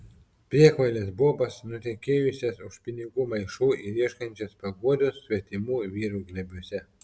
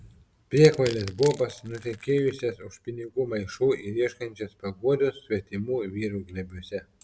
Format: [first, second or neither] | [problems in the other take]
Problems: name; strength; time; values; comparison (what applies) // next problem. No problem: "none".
first | background sound (Crushing); 18 dB below the speech